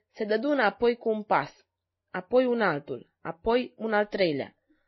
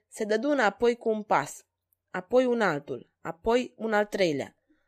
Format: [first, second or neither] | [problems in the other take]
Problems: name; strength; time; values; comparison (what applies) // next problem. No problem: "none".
second | garbled, watery; slightly; nothing above 5 kHz